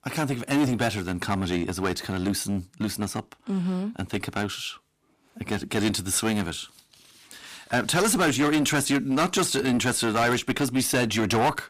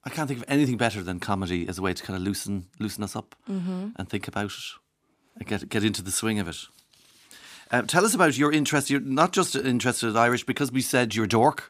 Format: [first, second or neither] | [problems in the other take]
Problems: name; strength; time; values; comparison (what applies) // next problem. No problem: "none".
second | distortion; heavy; 10% of the sound clipped